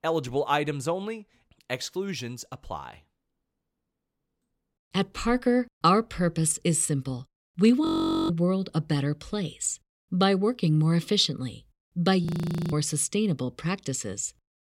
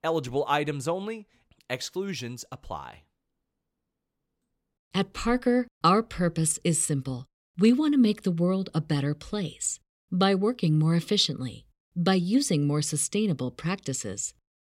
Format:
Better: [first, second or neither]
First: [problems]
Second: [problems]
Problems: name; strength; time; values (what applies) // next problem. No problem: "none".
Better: second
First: audio freezing; at 8 s and at 12 s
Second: none